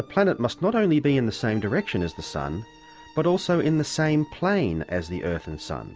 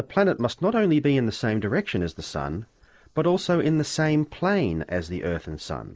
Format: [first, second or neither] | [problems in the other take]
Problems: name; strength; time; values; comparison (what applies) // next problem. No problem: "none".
first | noise reduction (neural mask model Resemble Enhance denoiser)